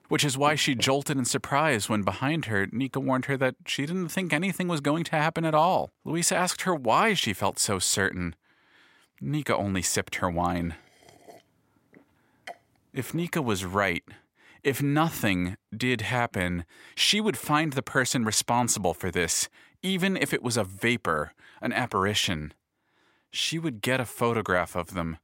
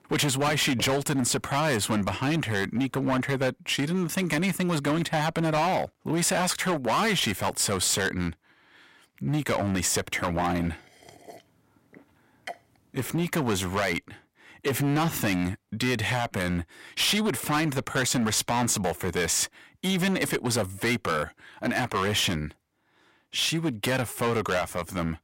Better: first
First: none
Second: distortion; heavy; 14% of the sound clipped

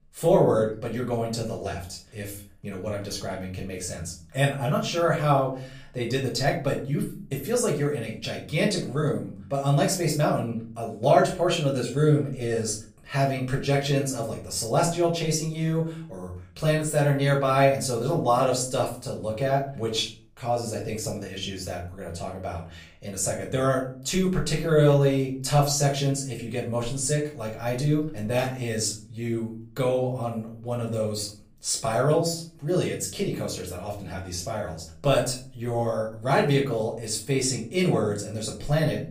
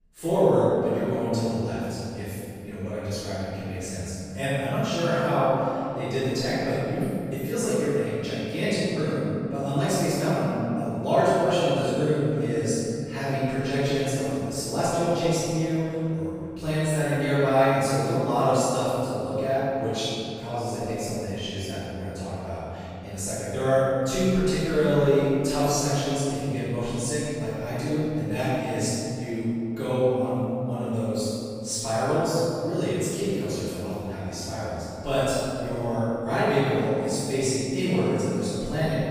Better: first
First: room echo; slight; dies away in 0.4 s // off-mic speech; far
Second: room echo; strong; dies away in 3 s // off-mic speech; far

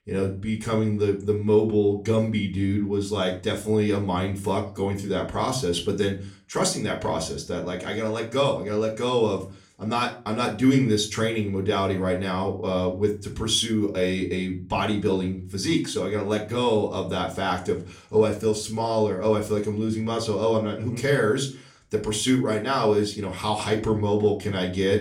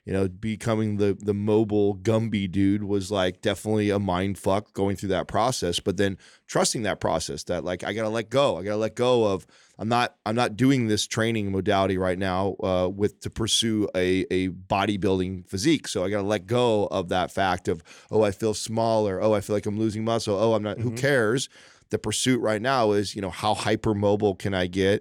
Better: second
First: off-mic speech; far // room echo; very slight; dies away in 0.3 s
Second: none

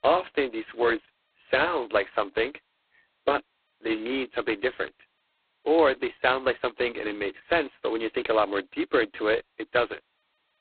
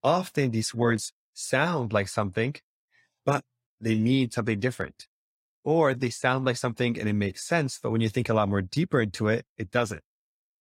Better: second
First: phone-call audio; poor line; nothing above 4 kHz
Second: none

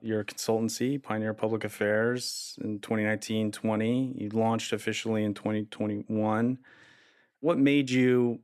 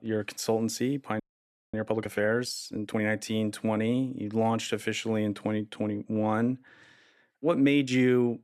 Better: first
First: none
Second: audio freezing; at 1 s for 0.5 s

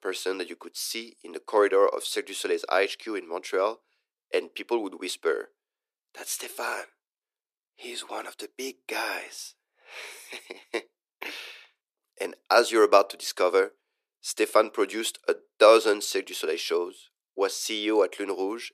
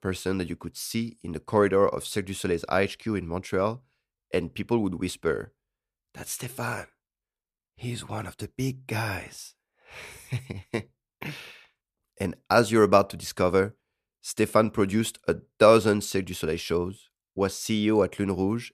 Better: second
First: thin; very; fading below 350 Hz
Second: none

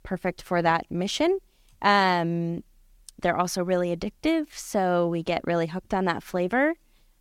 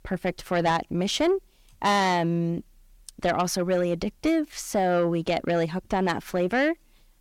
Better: first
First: none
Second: distortion; slight; 10 dB below the speech

